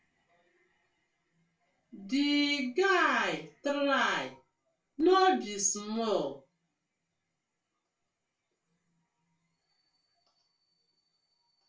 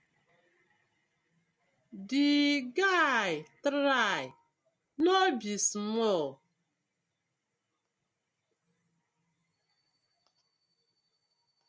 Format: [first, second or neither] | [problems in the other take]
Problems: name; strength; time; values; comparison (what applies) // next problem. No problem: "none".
second | room echo; dies away in 0.2 s